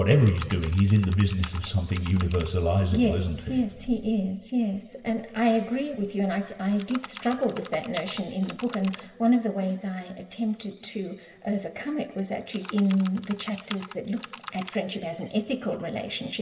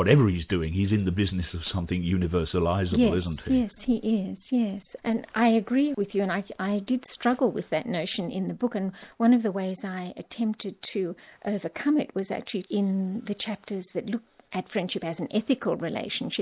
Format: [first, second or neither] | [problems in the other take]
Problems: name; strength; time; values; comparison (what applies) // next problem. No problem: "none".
second | background sound (Computer keyboard); 16 dB below the speech // room echo; dies away in 1.4 s